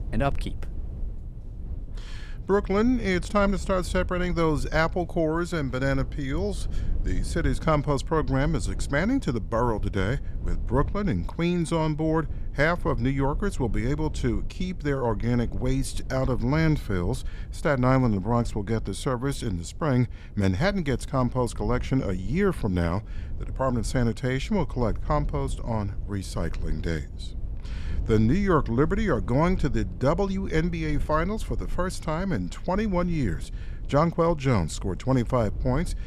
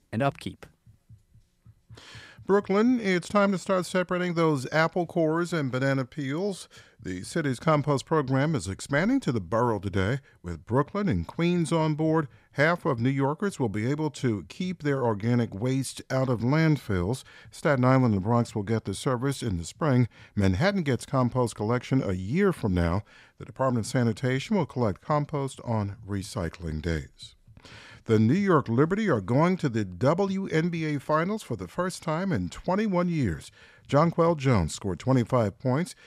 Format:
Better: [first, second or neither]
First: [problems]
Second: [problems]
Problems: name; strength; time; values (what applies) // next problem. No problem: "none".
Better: second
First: low rumble; faint; throughout; 25 dB below the speech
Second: none